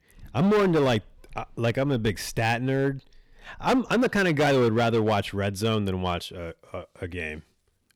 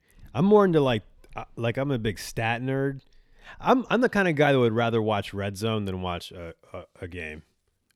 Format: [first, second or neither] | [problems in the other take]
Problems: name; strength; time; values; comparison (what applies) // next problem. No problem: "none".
second | distortion; heavy; 9% of the sound clipped